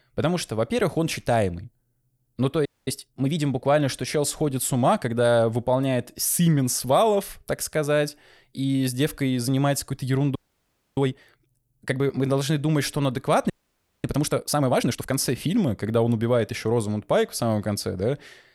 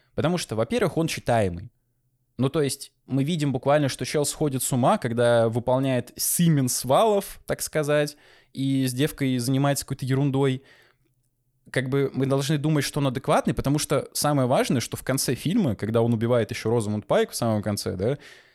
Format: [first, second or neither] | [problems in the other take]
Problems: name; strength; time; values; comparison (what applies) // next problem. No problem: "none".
second | audio freezing; at 2.5 s, at 10 s for 0.5 s and at 14 s for 0.5 s